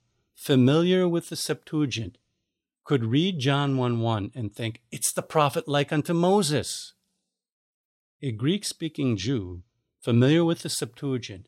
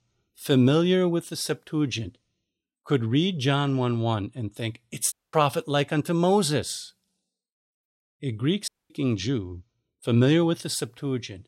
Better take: first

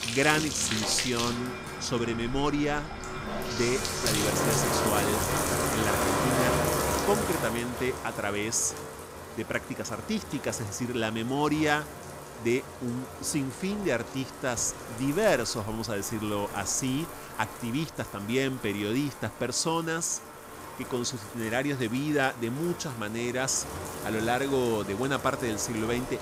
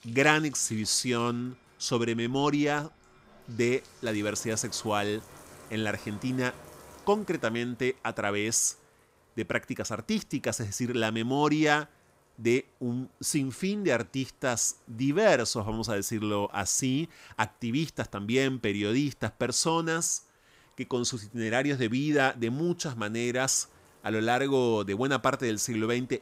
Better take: second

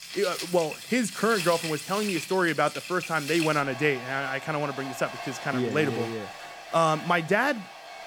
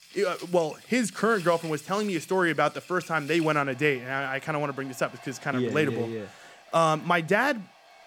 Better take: second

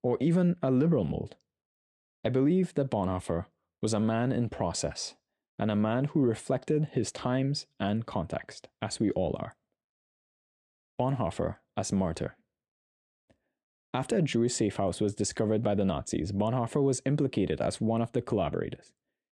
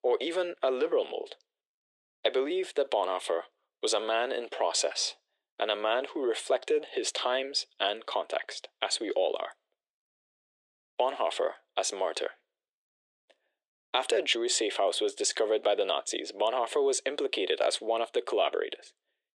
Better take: first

